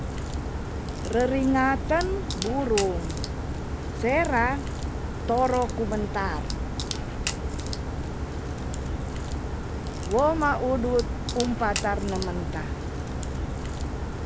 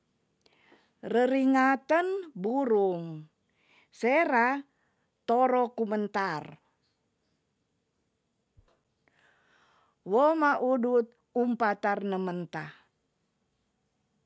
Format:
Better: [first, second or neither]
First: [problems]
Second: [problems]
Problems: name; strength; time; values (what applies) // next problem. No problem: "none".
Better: second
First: background sound (Crack); 2 dB below the speech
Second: none